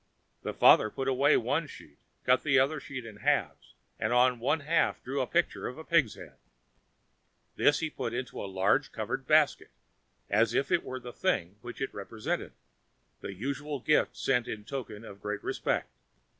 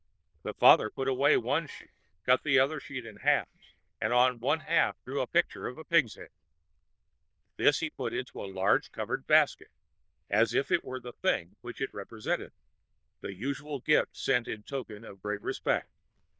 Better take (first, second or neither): first